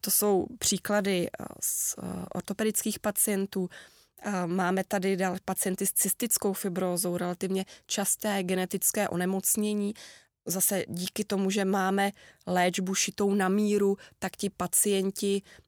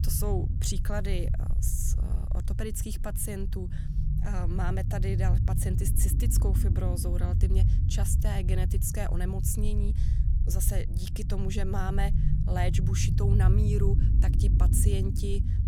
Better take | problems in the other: first | low rumble; loud; throughout; 5 dB below the speech

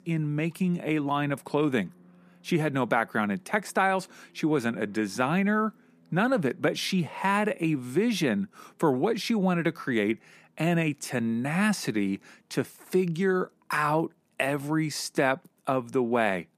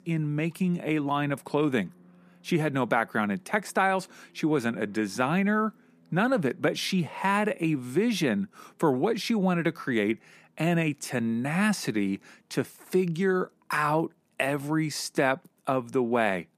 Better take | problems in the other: neither | none

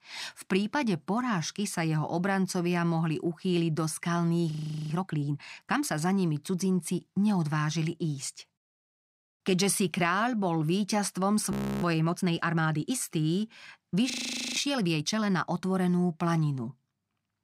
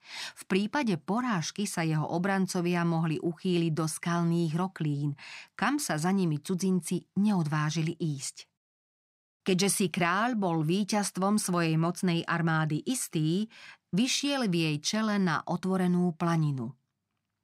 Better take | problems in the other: second | audio freezing; at 4.5 s, at 12 s and at 14 s

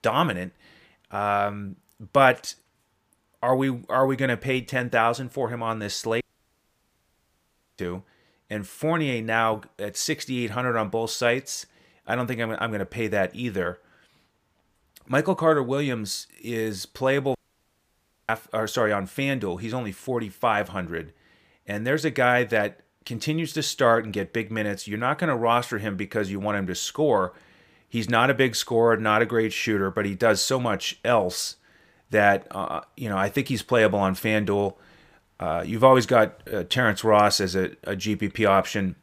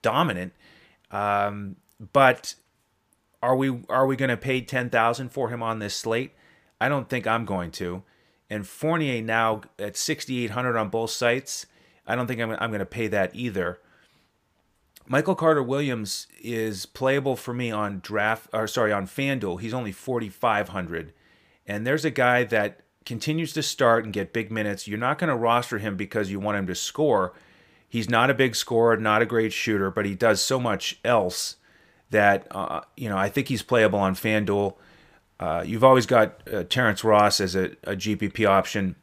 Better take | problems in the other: second | audio cutting out; at 6 s for 1.5 s and at 17 s for 1 s

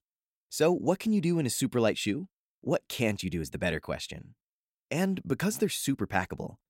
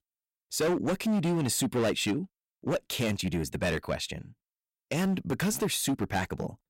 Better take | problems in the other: first | distortion; heavy; 12% of the sound clipped

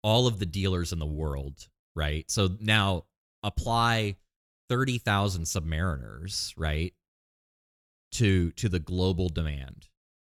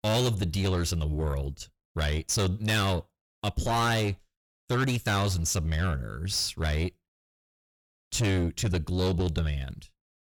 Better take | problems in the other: first | distortion; heavy; 7 dB below the speech

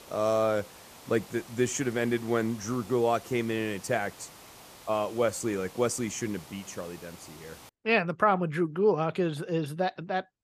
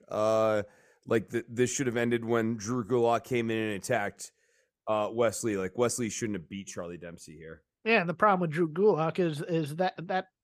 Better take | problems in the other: second | hiss; noticeable; until 7.5 s; 20 dB below the speech

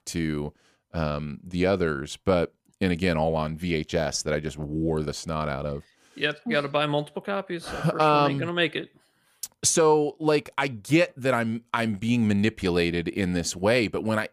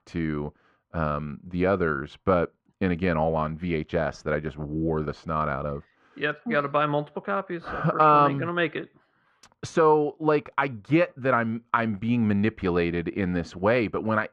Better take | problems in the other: first | muffled; very; fading above 2 kHz

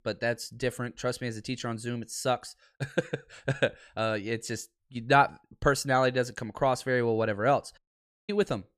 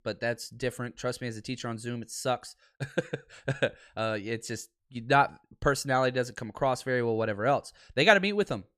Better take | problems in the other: second | audio cutting out; at 8 s for 0.5 s

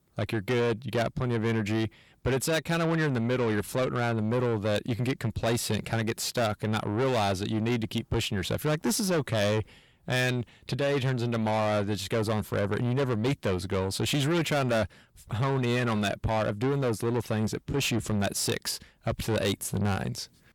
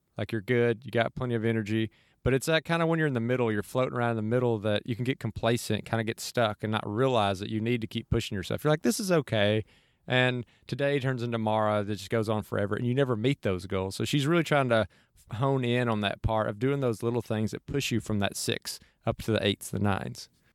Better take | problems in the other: second | distortion; heavy; 7 dB below the speech

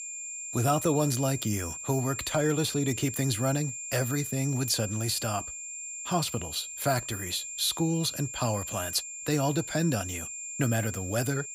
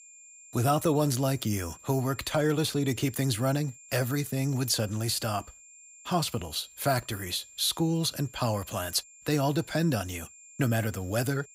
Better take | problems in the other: second | high-pitched whine; loud; throughout; 7.5 kHz, 7 dB below the speech; faint in the second

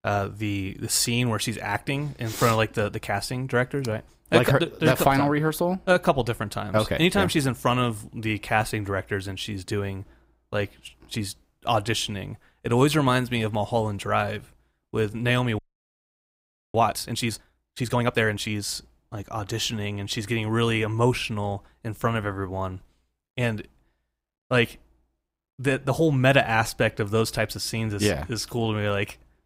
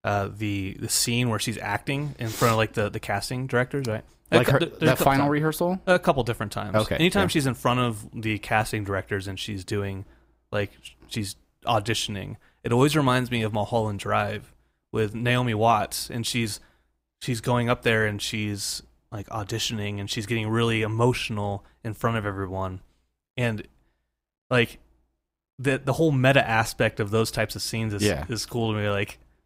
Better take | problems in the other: second | audio freezing; at 16 s for 1 s

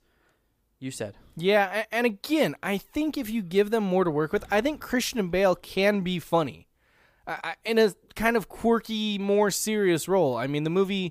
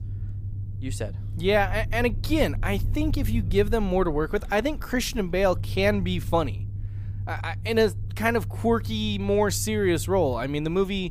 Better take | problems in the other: first | low rumble; faint; throughout; 20 dB below the speech

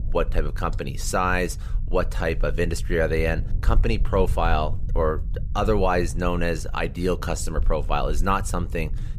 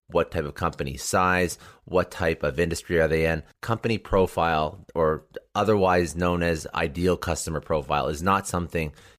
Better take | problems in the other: second | low rumble; faint; throughout; 20 dB below the speech

